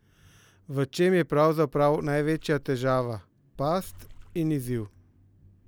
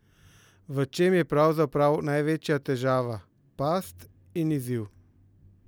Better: second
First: background sound (Water / Splash, splatter); 19 dB below the speech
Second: none

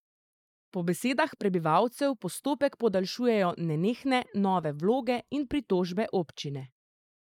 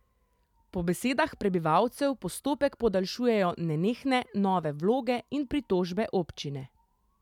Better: second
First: noise reduction (neural mask model Resemble Enhance denoiser)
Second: none

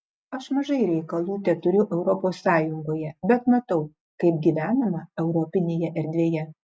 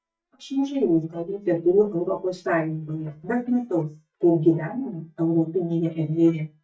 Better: first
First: none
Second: noise reduction (neural mask model DeepFilterNet 3)

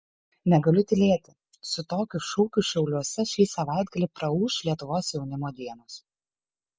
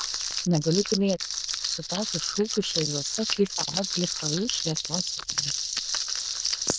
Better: first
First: none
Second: noise reduction (neural diffusion model UNIVERSE++)

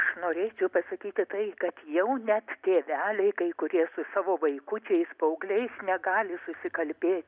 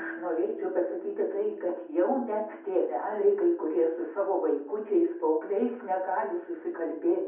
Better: first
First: none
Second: background sound (Piano); 18 dB below the speech // room echo; dies away in 0.6 s

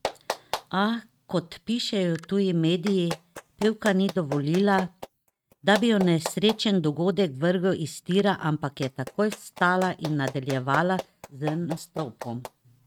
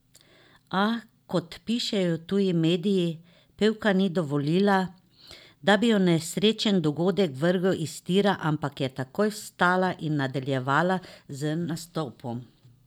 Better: second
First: noise reduction (neural mask model RNNoise)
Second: none

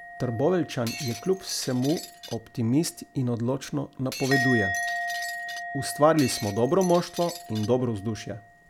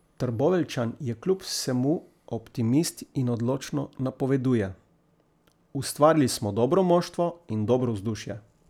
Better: second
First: background sound (Musical instrument + Shatter); 8 dB below the speech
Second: none

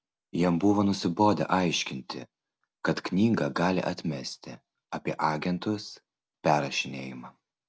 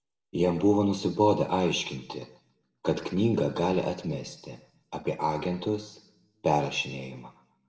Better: first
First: none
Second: room echo; dies away in 0.6 s

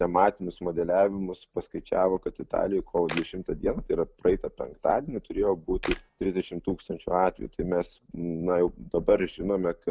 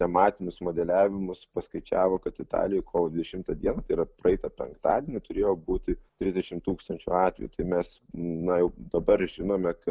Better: second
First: background sound (Camera); 15 dB below the speech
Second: none

